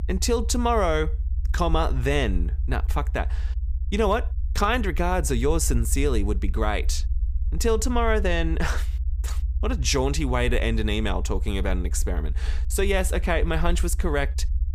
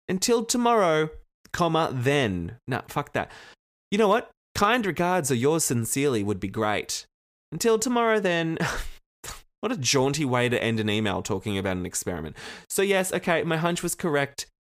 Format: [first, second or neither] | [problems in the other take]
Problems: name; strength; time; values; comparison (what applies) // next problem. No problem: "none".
second | low rumble; faint; throughout; 20 dB below the speech